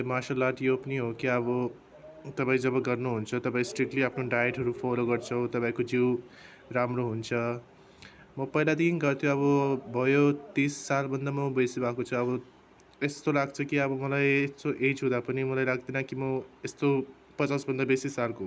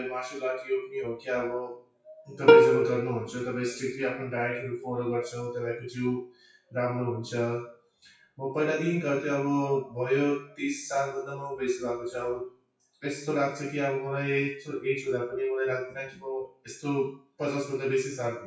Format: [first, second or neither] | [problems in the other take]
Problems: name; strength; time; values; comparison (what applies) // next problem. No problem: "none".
first | noise reduction (classical method WPE with log-MMSE)